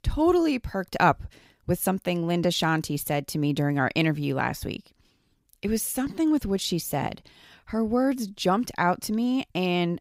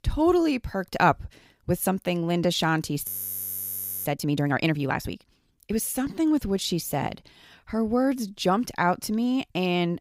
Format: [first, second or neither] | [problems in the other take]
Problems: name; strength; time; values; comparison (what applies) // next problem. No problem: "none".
first | audio freezing; at 3 s for 1 s